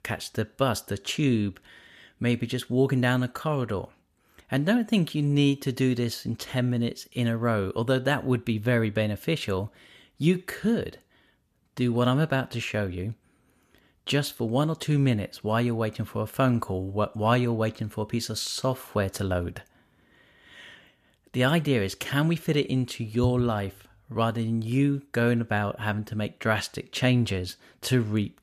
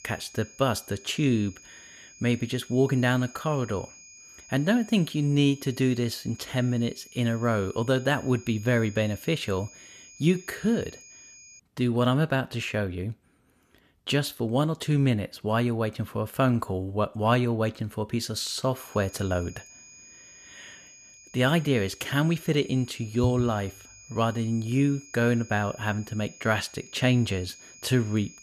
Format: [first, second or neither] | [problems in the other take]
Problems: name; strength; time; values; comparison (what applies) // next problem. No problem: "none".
first | high-pitched whine; faint; until 12 s and from 19 s on; 6.5 kHz, 20 dB below the speech